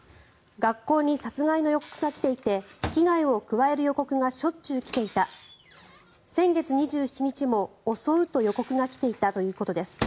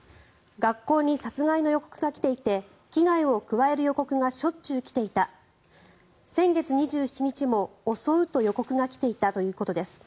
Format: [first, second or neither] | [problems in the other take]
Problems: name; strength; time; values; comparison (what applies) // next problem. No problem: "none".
second | background sound (Microwave oven); 17 dB below the speech